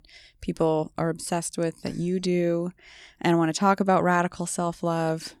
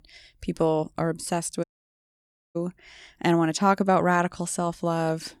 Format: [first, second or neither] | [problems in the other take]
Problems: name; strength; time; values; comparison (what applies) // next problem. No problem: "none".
first | audio cutting out; at 1.5 s for 1 s